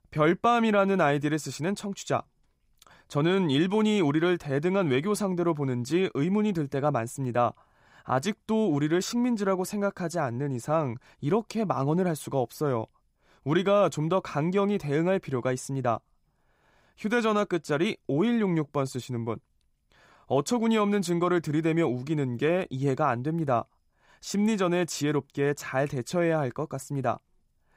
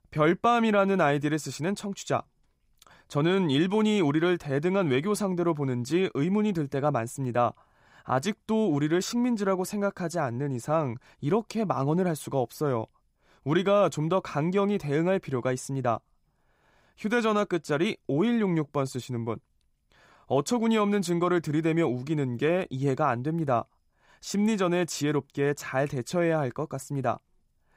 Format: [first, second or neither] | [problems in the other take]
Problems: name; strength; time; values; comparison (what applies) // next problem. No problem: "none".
neither | none